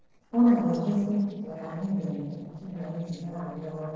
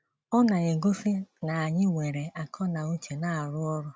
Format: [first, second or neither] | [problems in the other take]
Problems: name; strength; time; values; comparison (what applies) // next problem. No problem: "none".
second | noise reduction (neural separator model SepFormer DNS4)